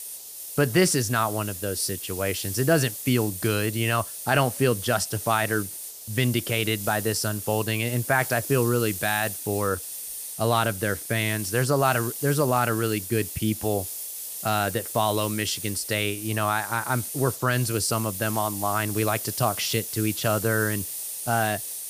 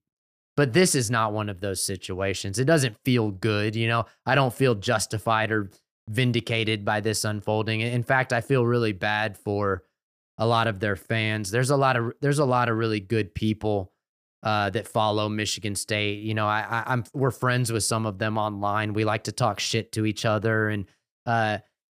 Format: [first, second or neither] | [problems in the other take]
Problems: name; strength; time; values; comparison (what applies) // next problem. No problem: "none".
second | hiss; loud; throughout; 7 dB below the speech